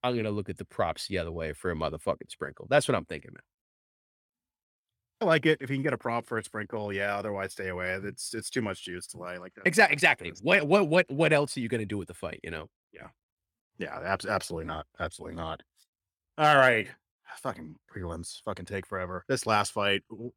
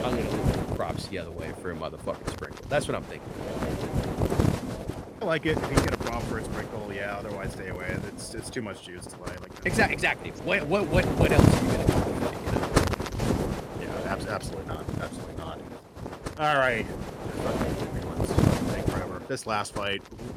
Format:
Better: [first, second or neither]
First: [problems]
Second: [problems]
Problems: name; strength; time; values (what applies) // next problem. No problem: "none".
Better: first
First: none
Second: wind noise on the microphone; heavy; 3 dB below the speech